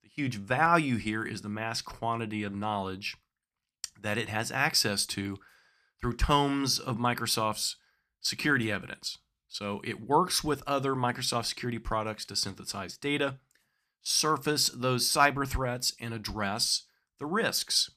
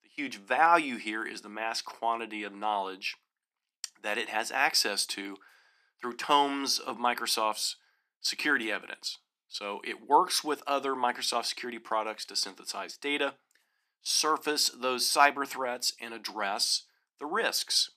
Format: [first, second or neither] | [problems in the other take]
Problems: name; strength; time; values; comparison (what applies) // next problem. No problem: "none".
first | thin; somewhat; fading below 250 Hz